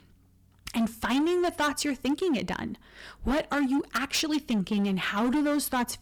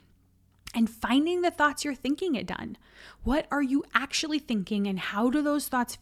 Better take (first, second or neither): second